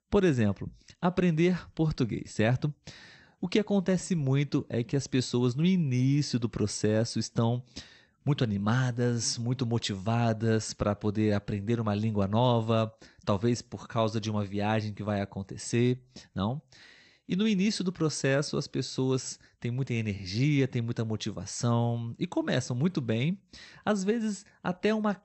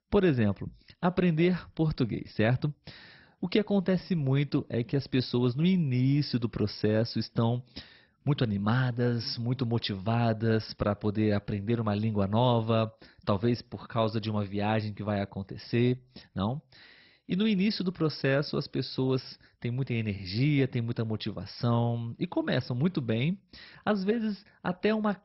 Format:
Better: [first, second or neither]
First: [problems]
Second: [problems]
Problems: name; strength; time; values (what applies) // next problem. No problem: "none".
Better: first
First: garbled, watery; slightly; nothing above 8.5 kHz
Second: garbled, watery; badly; nothing above 5.5 kHz